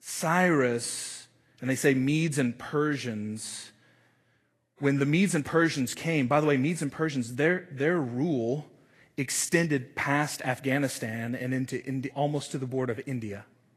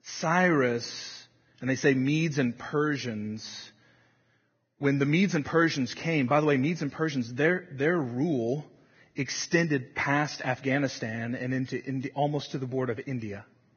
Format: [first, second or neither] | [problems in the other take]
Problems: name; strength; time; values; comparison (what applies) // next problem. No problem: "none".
first | garbled, watery; badly; nothing above 6.5 kHz; slightly in the first